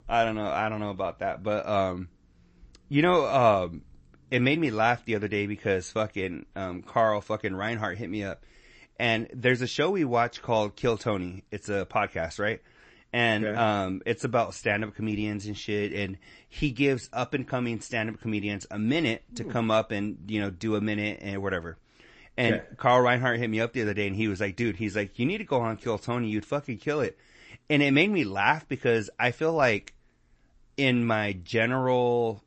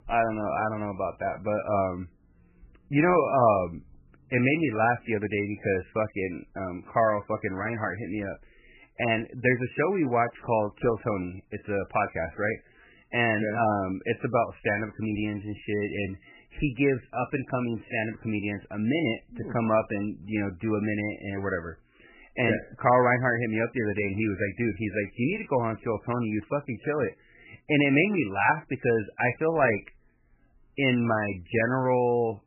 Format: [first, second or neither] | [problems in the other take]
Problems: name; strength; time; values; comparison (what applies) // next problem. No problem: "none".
first | garbled, watery; badly; nothing above 3 kHz; slightly in the first